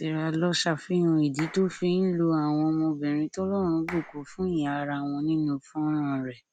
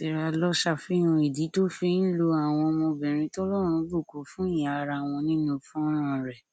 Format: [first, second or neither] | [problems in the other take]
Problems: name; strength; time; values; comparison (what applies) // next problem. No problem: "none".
second | background sound (Clapping); 19 dB below the speech